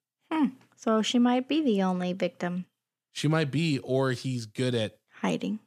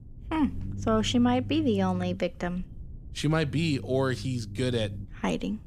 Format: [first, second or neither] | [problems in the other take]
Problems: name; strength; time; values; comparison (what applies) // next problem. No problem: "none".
first | low rumble; faint; throughout; 20 dB below the speech